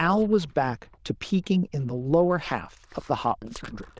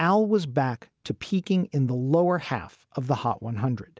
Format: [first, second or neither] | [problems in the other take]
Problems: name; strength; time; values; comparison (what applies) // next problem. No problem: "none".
second | noise reduction (neural diffusion model UNIVERSE++)